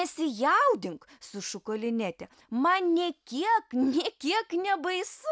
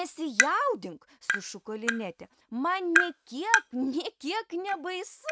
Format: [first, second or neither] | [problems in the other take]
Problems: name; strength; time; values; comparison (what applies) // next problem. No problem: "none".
first | noise reduction (neural mask model RNNoise)